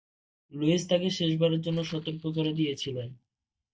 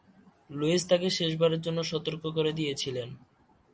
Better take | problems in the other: second | noise reduction (neural mask model DeepFilterNet 3)

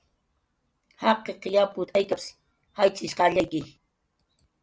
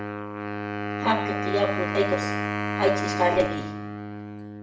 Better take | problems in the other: first | background sound (Wind instrument, woodwind instrument); 1 dB below the speech // room echo; dies away in 0.6 s

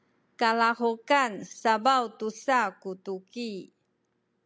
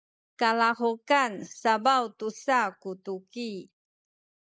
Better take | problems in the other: first | noise reduction (neural mask model Resemble Enhance denoiser)

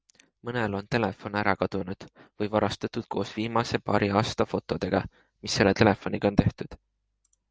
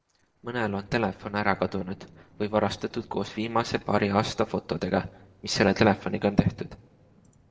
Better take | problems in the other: first | noise reduction (neural separator model SepFormer DNS4)

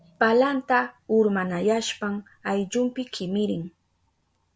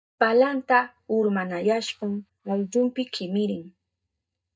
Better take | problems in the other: first | noise reduction (neural mask model DeepFilterNet 3)

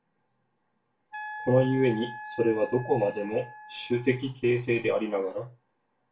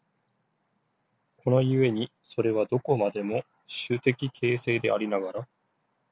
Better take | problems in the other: second | background sound (Wind instrument, woodwind instrument); 13 dB below the speech // room echo; dies away in 0.2 s

